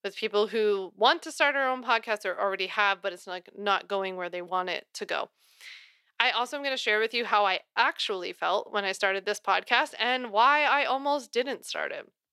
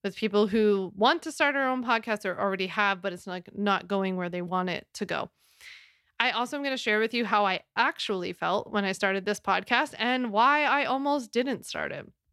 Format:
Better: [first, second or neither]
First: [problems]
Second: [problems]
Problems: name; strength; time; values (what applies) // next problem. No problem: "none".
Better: second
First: thin; somewhat; fading below 450 Hz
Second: none